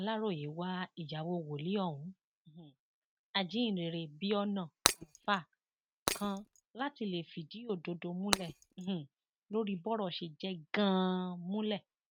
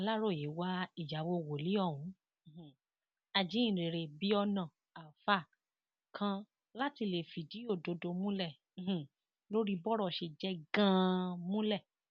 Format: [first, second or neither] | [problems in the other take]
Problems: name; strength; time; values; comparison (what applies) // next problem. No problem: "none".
second | noise reduction (neural mask model RNNoise)